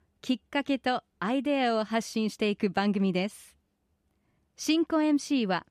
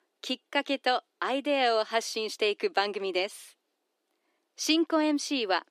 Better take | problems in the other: first | thin; somewhat; fading below 300 Hz

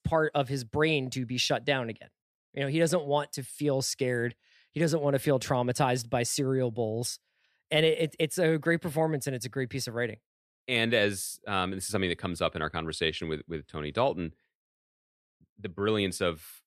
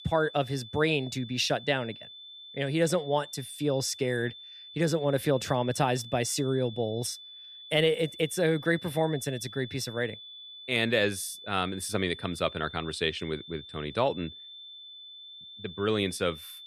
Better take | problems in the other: first | high-pitched whine; noticeable; throughout; 3.5 kHz, 15 dB below the speech

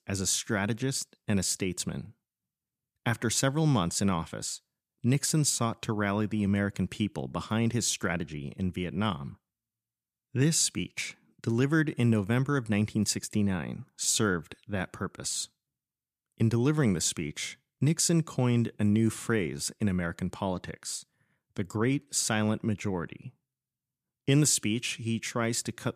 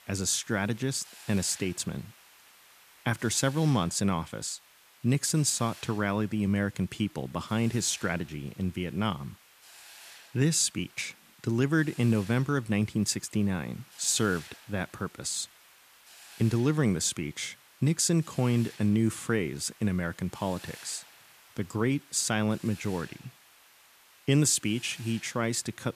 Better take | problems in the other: first | hiss; faint; throughout; 20 dB below the speech

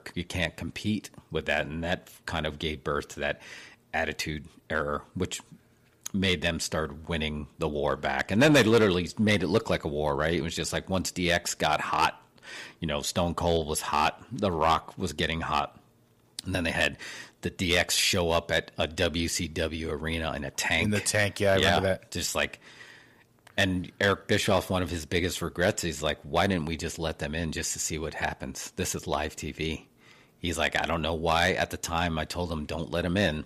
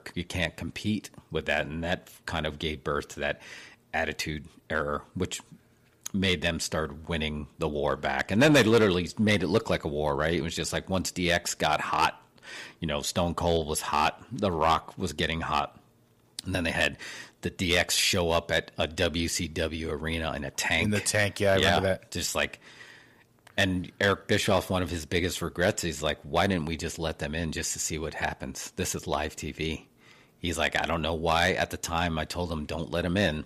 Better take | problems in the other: neither | distortion; slight; 1.1% of the sound clipped; the same in both

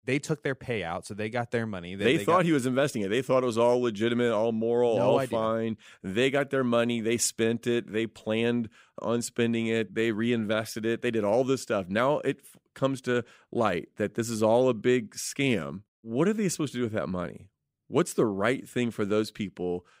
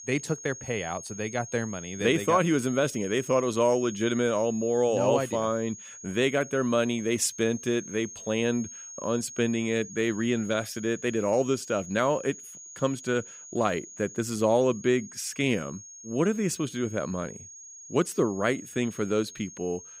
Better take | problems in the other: first | high-pitched whine; noticeable; throughout; 6.5 kHz, 15 dB below the speech

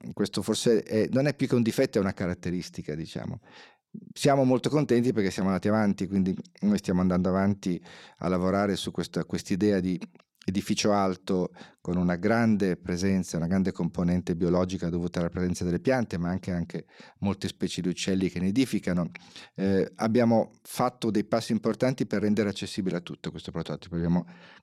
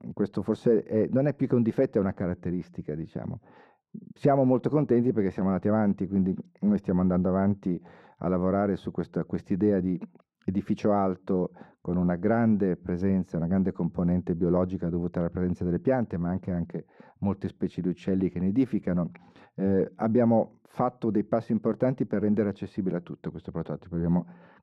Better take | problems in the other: first | muffled; very; fading above 2.5 kHz

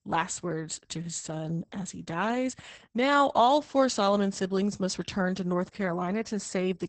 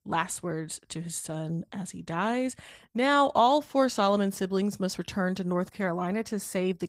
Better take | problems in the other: second | garbled, watery; badly; nothing above 8 kHz; slightly in the second

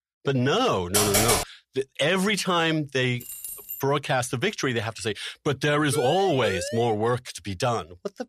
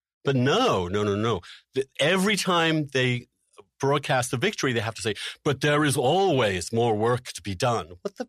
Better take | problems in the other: second | keyboard typing; loud; at 1 s; peak 5 dB above the speech // jangling keys; noticeable; at 3 s; peak 9 dB below the speech // siren; noticeable; from 6 to 7 s; peak 7 dB below the speech

